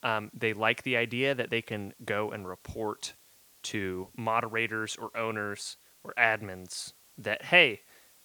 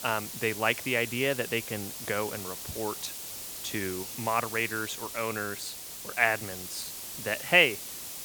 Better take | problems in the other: first | hiss; loud; throughout; 8 dB below the speech; faint in the first

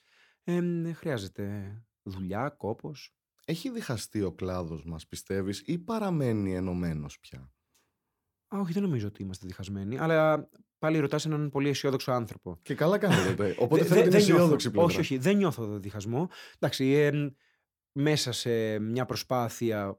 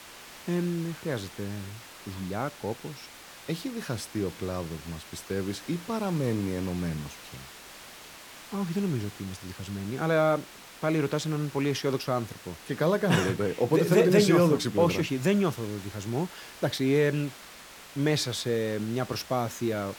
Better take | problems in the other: first | hiss; noticeable; throughout; 15 dB below the speech

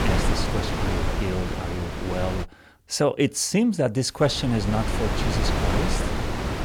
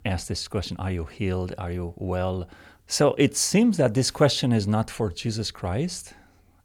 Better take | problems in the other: second | wind noise on the microphone; heavy; until 2.5 s and from 4 s on; 2 dB below the speech

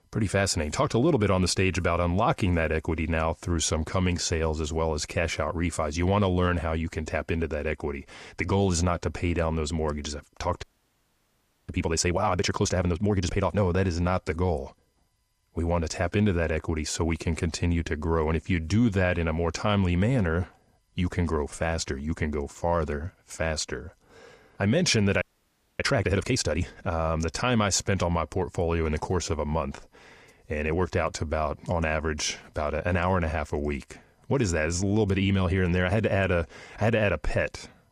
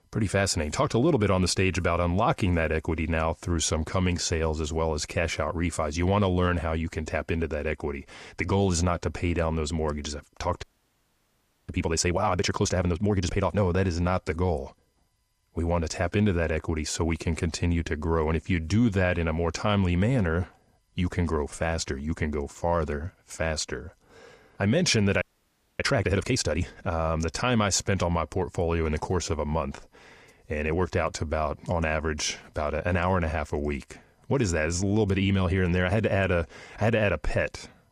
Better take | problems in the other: neither | audio freezing; at 11 s for 1 s and at 25 s for 0.5 s; the same in both

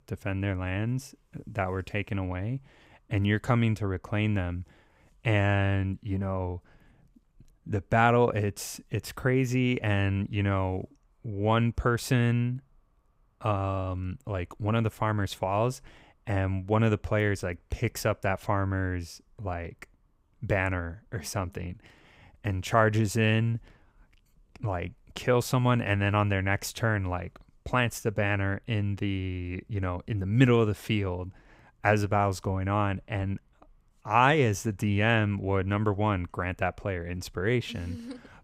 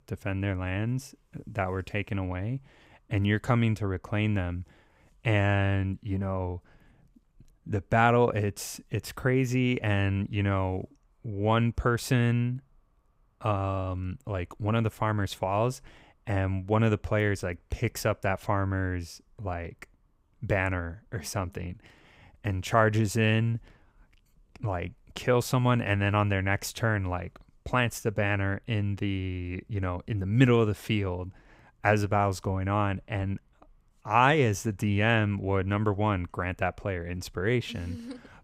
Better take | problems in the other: neither | none

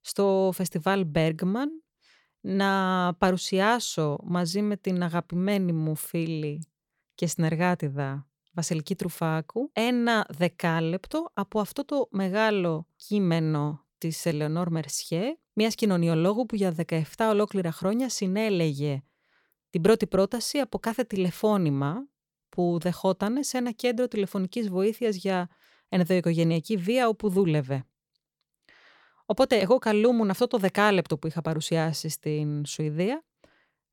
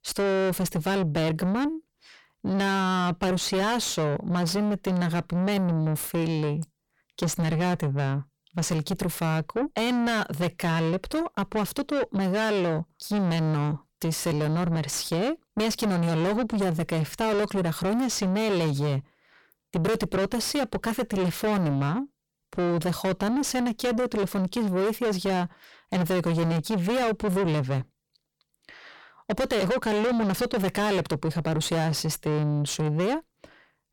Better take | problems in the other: first | distortion; heavy; 5 dB below the speech

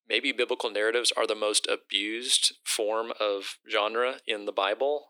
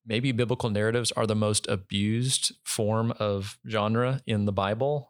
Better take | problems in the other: second | thin; very; fading below 300 Hz

